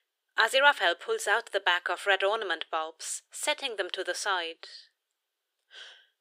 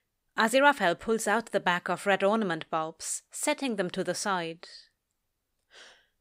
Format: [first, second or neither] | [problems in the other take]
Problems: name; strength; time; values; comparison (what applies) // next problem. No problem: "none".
second | thin; very; fading below 350 Hz